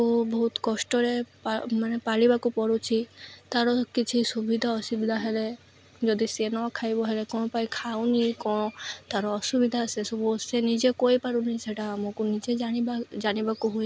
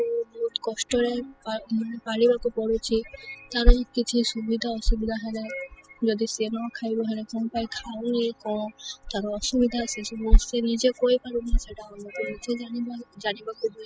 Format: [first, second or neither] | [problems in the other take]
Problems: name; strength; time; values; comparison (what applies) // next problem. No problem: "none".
first | noise reduction (classical method spectral subtraction)